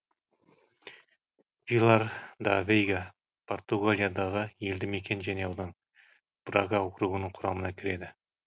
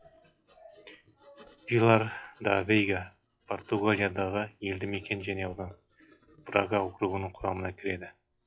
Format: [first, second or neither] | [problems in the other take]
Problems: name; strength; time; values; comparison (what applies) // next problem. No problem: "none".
first | noise reduction (classical method log-MMSE)